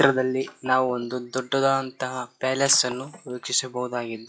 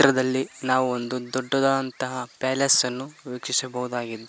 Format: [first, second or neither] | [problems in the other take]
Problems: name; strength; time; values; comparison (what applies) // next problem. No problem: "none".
second | noise reduction (classical method WPE with log-MMSE)